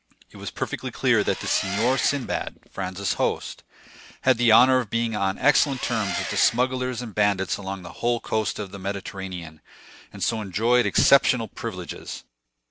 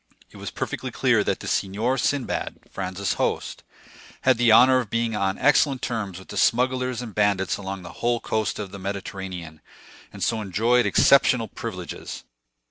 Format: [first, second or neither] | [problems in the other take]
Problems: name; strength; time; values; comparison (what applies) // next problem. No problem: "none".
second | background sound (Engine); 8 dB below the speech